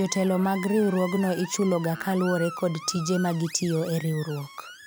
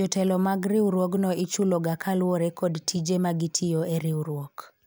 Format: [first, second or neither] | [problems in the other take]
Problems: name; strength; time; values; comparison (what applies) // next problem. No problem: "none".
second | background sound (Screech); 14 dB below the speech